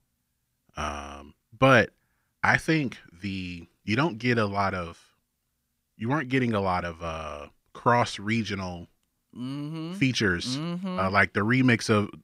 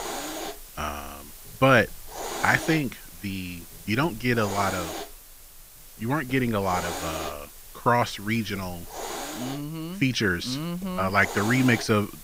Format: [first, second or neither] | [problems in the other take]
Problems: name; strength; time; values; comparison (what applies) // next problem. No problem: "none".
first | hiss; noticeable; throughout; 10 dB below the speech